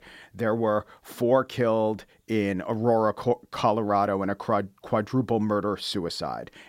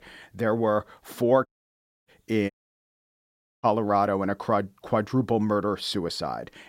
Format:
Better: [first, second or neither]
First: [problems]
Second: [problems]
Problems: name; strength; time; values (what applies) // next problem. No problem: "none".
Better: first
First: none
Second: audio cutting out; at 1.5 s for 0.5 s and at 2.5 s for 1 s